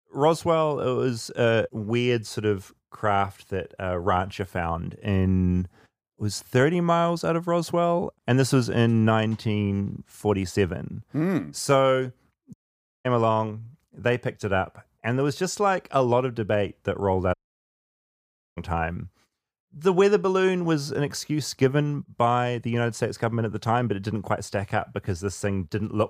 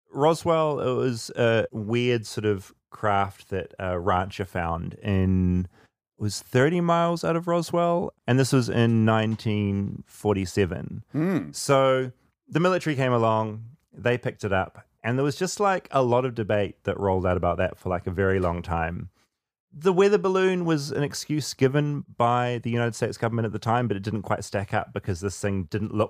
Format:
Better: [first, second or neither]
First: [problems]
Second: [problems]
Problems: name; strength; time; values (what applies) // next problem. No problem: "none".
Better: second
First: audio cutting out; at 13 s for 0.5 s and at 17 s for 1 s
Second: none